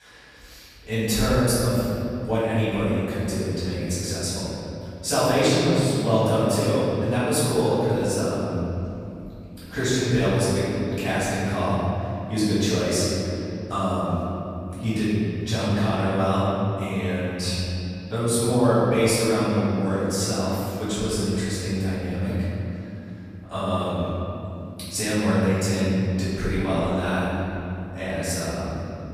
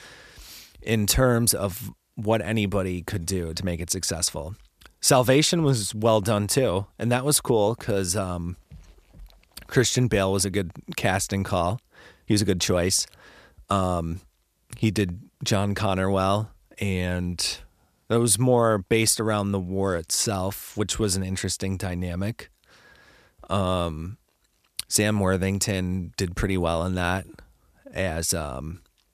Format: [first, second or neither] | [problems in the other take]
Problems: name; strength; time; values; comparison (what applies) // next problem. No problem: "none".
second | off-mic speech; far // room echo; strong; dies away in 3 s